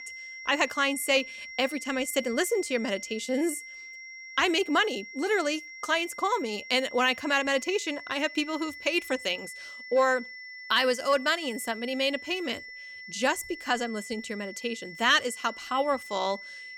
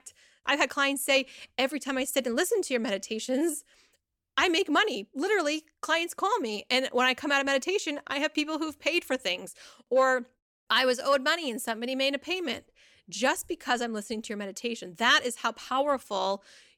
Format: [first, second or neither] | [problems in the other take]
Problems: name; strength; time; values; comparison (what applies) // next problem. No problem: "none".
second | high-pitched whine; noticeable; throughout; 2 kHz, 15 dB below the speech